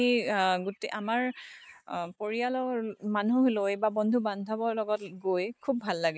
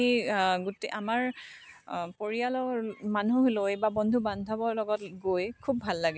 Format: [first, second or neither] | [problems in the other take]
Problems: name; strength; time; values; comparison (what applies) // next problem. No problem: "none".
second | noise reduction (neural mask model Resemble Enhance denoiser)